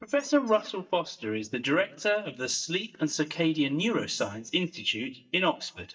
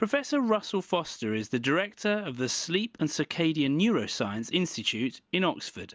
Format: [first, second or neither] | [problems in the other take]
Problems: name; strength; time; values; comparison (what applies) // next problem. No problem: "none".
second | noise reduction (neural mask model DeepFilterNet 3)